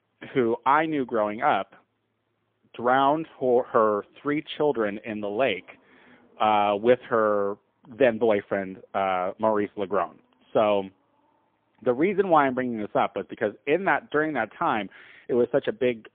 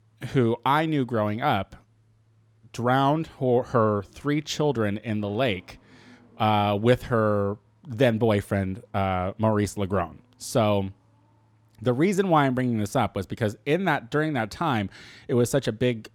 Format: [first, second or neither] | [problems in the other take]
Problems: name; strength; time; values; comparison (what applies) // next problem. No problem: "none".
second | phone-call audio; poor line; nothing above 3.5 kHz